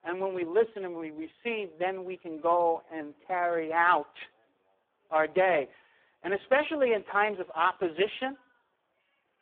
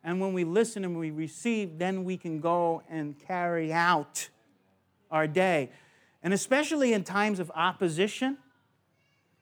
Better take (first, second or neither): second